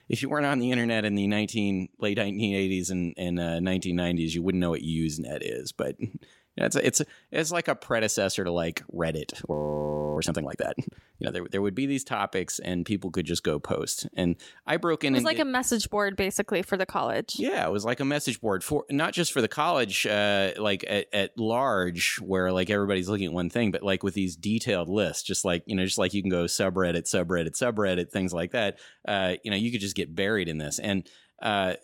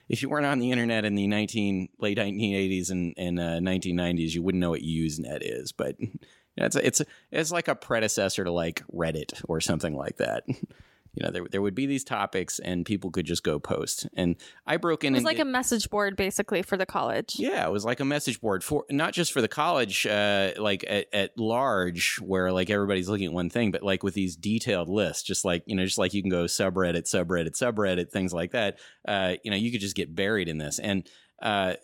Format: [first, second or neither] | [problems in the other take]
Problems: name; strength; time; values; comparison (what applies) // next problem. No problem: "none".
second | audio freezing; at 9.5 s for 0.5 s